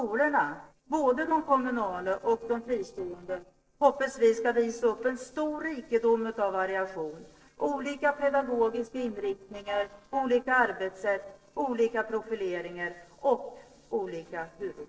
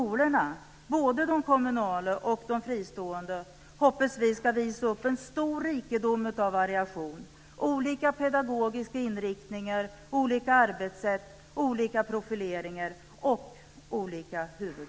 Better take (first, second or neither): second